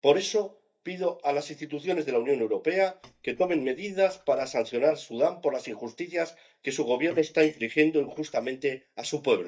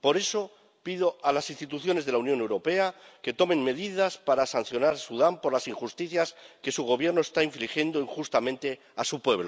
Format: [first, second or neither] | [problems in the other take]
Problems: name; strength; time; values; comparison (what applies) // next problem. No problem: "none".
second | noise reduction (neural mask model DeepFilterNet 3)